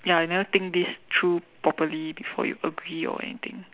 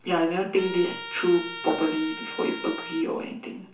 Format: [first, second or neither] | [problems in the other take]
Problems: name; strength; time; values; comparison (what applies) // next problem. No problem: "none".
first | background sound (Trumpet); 11 dB below the speech // room echo; dies away in 0.7 s